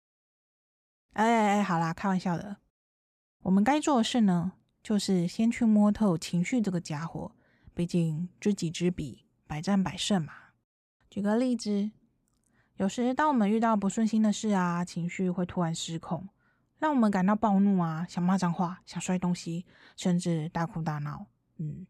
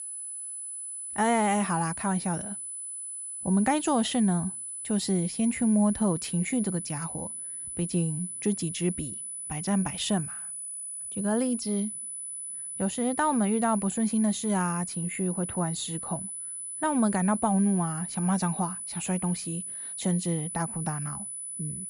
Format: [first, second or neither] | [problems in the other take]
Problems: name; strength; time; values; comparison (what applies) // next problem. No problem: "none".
first | high-pitched whine; loud; throughout; 10 kHz, 6 dB below the speech